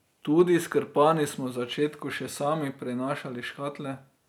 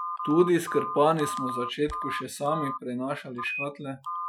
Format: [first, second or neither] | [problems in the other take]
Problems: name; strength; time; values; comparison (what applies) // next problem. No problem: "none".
first | noise reduction (classical method Wiener filter)